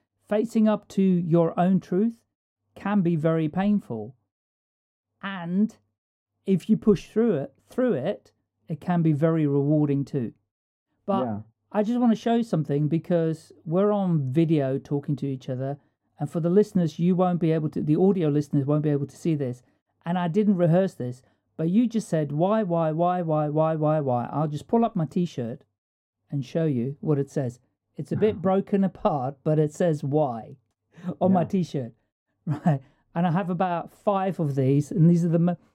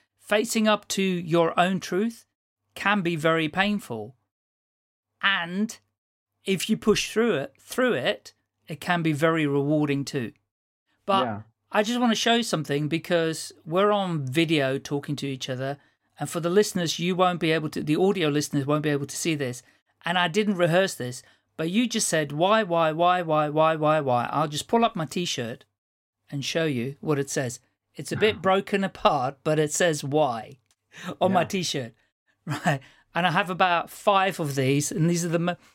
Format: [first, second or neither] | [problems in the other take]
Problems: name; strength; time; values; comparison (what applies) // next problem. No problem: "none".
second | muffled; slightly; fading above 1 kHz